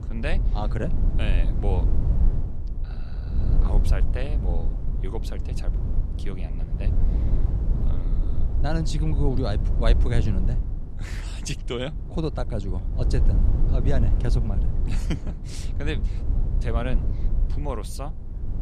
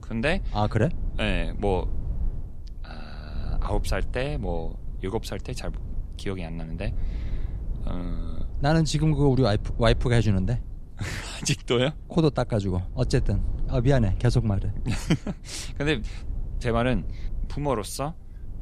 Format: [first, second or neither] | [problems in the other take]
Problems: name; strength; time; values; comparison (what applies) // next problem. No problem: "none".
second | low rumble; loud; throughout; 7 dB below the speech; faint in the second